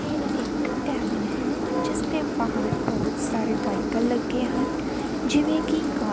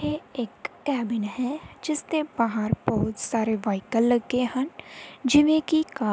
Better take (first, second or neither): second